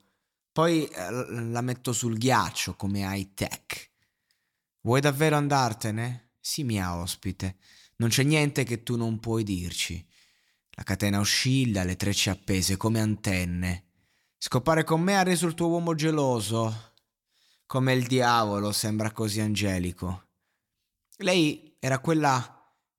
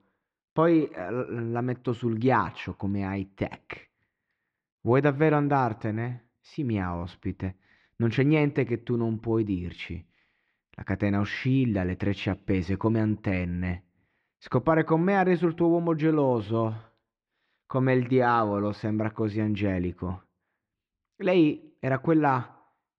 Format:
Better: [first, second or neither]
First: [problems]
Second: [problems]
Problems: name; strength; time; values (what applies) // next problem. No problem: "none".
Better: first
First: none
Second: muffled; very; fading above 2.5 kHz